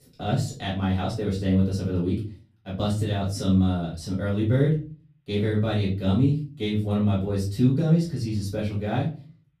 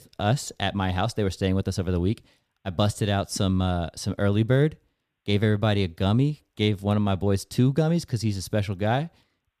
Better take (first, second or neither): second